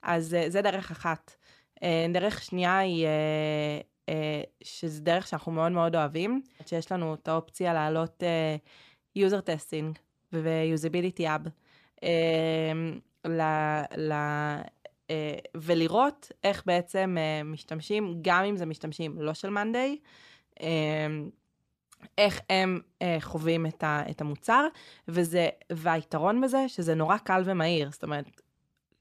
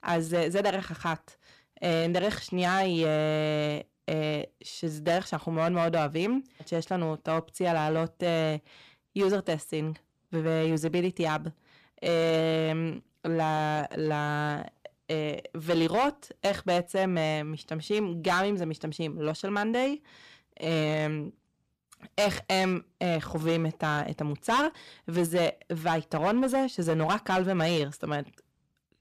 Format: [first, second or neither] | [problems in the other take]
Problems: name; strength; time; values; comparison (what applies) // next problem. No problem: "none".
first | distortion; slight; 6% of the sound clipped